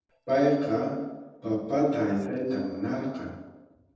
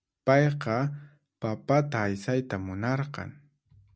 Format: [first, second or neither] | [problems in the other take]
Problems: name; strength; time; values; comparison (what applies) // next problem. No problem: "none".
second | noise reduction (neural separator model SepFormer DNS4)